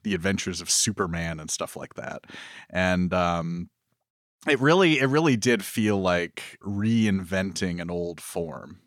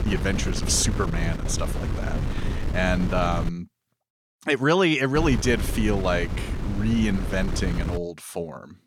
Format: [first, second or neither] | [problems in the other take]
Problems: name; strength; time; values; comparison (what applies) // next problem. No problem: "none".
first | wind noise on the microphone; occasional gusts; until 3.5 s and from 5 to 8 s; 10 dB below the speech